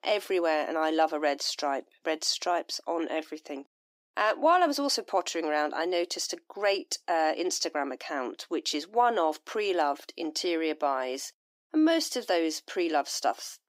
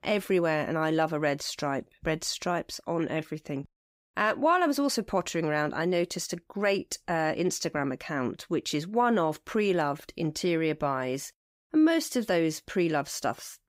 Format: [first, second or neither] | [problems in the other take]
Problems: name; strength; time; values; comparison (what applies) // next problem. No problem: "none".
second | thin; somewhat; fading below 300 Hz